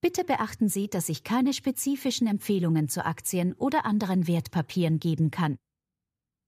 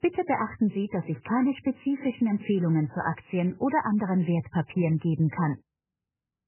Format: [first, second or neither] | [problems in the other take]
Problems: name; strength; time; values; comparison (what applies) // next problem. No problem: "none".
first | garbled, watery; badly; nothing above 3 kHz